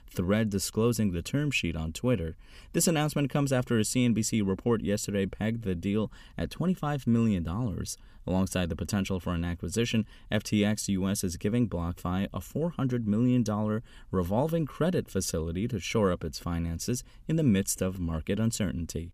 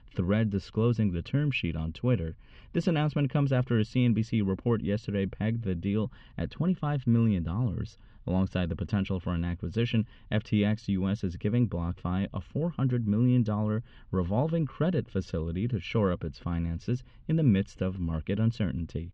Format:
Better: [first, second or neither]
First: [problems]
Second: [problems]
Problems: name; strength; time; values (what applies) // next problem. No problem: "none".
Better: first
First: none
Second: muffled; slightly; fading above 3.5 kHz